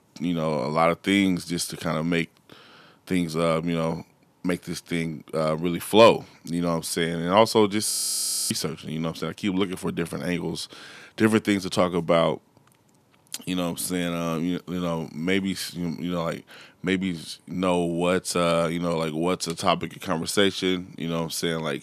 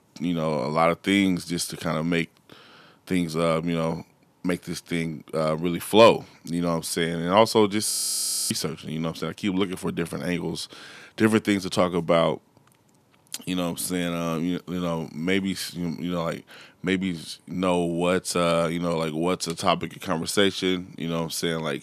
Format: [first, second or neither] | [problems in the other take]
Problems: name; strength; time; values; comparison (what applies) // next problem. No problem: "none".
neither | audio freezing; at 8 s for 0.5 s; the same in both